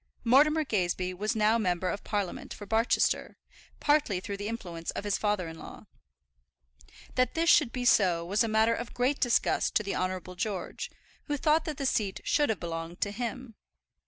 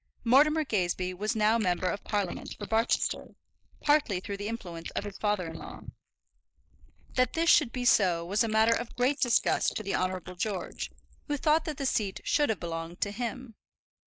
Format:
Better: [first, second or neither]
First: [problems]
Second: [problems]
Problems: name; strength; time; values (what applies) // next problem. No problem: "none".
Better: first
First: none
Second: noise reduction (neural mask model Resemble Enhance denoiser)